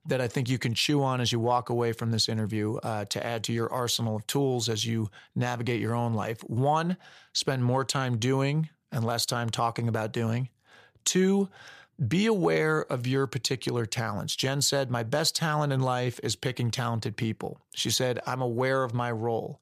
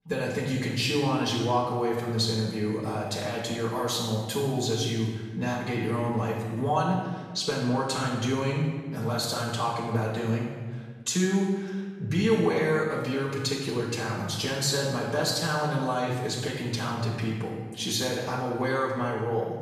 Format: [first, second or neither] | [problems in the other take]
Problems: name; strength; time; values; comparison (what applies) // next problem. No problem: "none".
first | off-mic speech; far // room echo; noticeable; dies away in 1.2 s